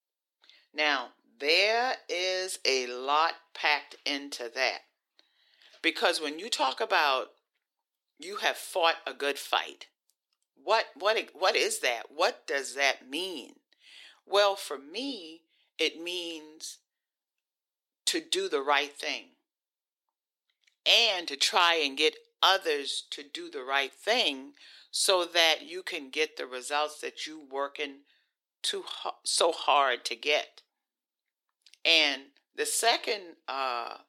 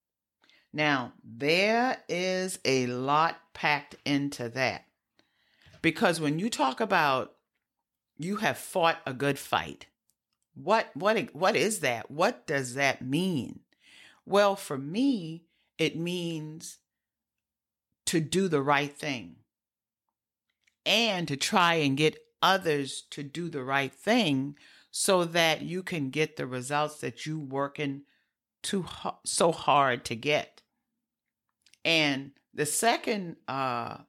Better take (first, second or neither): second